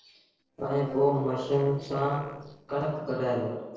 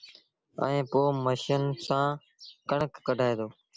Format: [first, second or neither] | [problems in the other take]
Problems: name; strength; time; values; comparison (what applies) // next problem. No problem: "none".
second | noise reduction (neural separator model SepFormer DNS4)